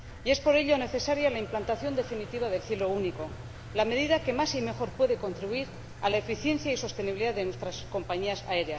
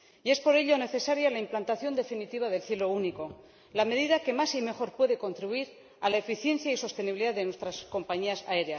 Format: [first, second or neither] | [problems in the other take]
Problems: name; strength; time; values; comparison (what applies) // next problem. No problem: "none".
second | background sound (Engine); 13 dB below the speech